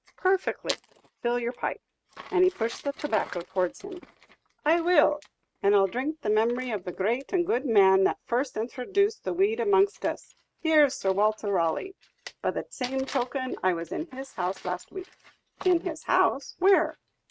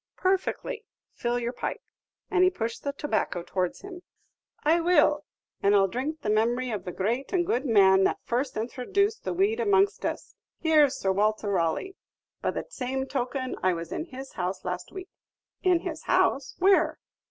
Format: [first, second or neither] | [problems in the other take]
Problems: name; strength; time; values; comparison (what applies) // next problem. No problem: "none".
second | noise reduction (neural mask model RNNoise)